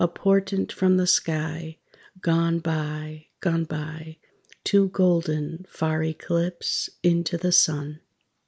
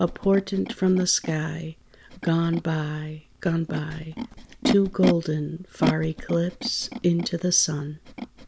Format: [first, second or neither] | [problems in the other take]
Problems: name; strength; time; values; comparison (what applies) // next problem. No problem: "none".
first | background sound (Animal); 8 dB below the speech